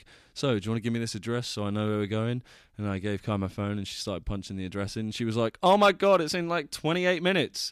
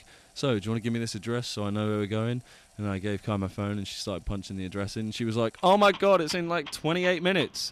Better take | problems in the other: first | household noises; faint; throughout; 20 dB below the speech

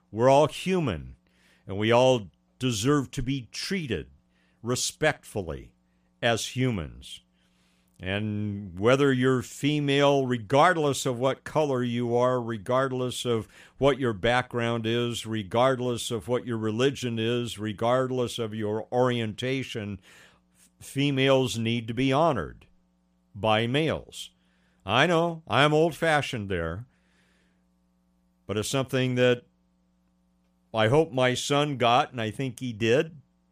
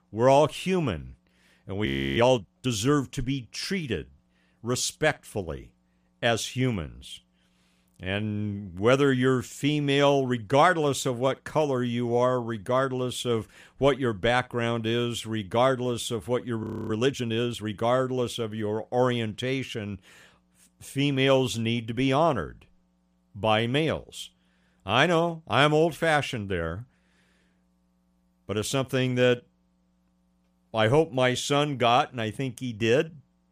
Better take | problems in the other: first | audio freezing; at 2 s and at 17 s

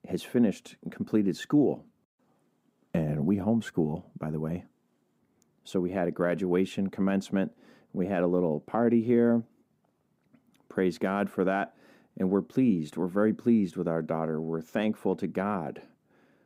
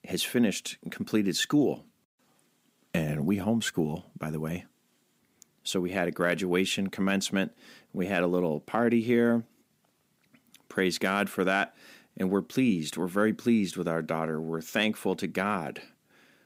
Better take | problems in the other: second | muffled; slightly; fading above 1.5 kHz

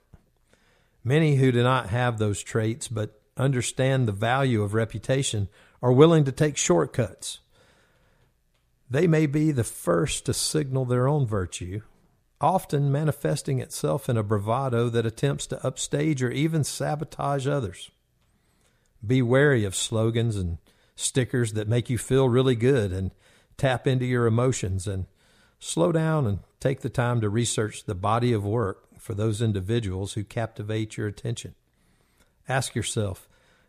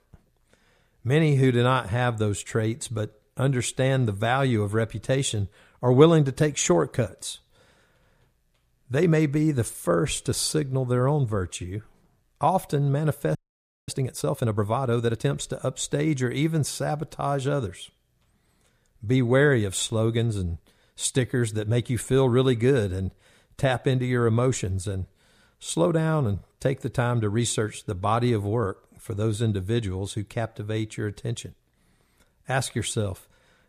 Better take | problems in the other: first | audio freezing; at 13 s for 0.5 s

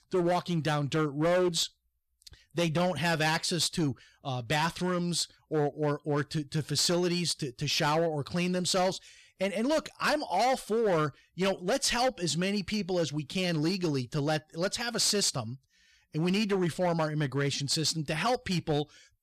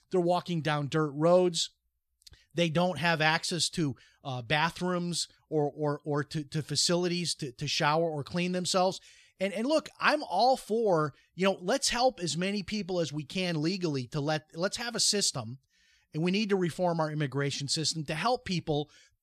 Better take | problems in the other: second | distortion; slight; 9% of the sound clipped

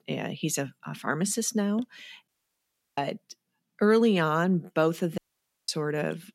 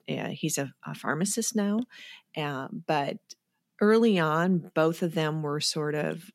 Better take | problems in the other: second | audio cutting out; at 2.5 s for 0.5 s and at 5 s for 0.5 s

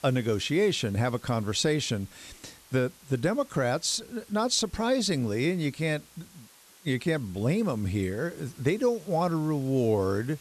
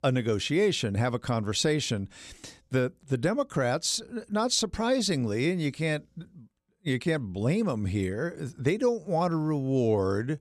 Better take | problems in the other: second | hiss; faint; throughout; 25 dB below the speech

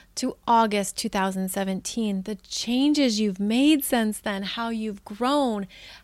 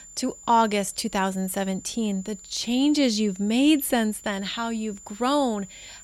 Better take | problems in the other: first | high-pitched whine; noticeable; throughout; 7 kHz, 20 dB below the speech

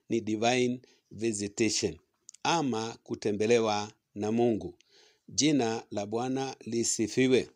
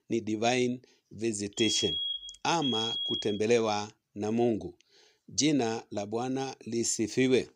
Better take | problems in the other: first | alarm; loud; from 1.5 to 3.5 s; peak 1 dB above the speech

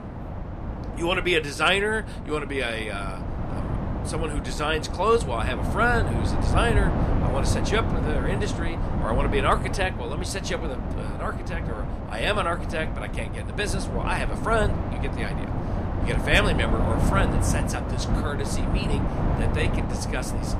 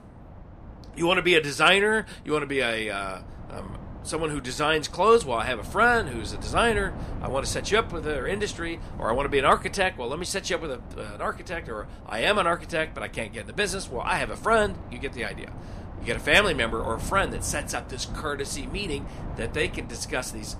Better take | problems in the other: second | wind noise on the microphone; heavy; 7 dB below the speech; occasional gusts in the second

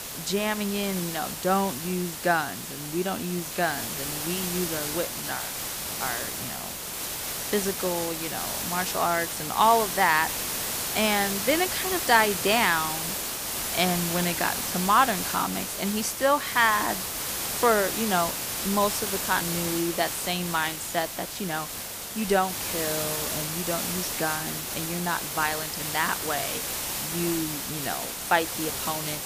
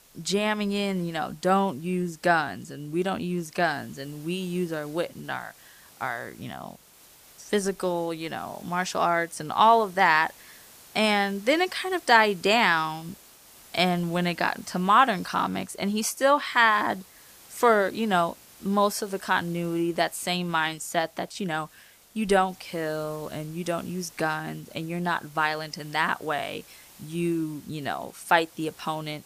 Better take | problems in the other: second | hiss; loud; throughout; 2 dB below the speech; faint in the second

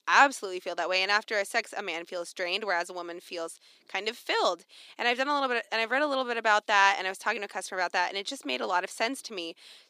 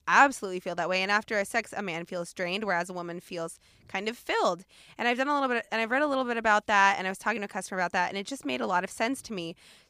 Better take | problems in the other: second | thin; very slightly; fading below 300 Hz

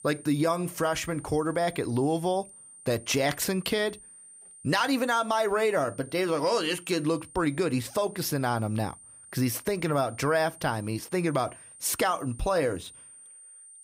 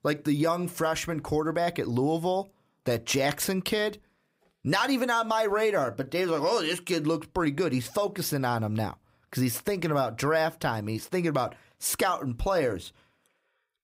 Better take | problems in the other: second | high-pitched whine; noticeable; throughout; 9 kHz, 20 dB below the speech

